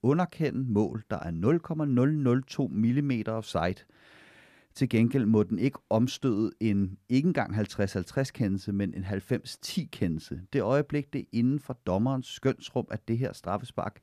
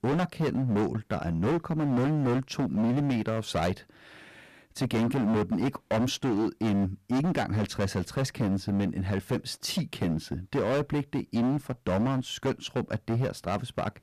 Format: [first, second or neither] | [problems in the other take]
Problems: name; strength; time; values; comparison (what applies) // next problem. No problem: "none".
first | distortion; heavy; 19% of the sound clipped